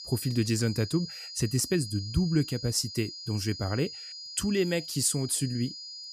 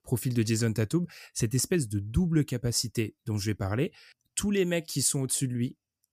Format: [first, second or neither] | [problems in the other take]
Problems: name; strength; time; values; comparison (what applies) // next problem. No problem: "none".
second | high-pitched whine; loud; throughout; 5 kHz, 10 dB below the speech